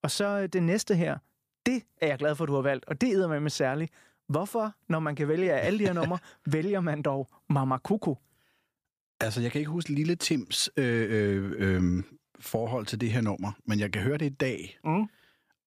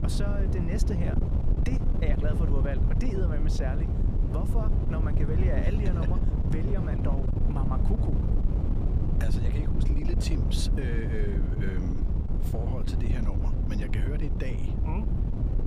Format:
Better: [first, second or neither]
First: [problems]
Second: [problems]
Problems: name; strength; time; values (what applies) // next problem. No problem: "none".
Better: first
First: none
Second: wind noise on the microphone; heavy; 1 dB below the speech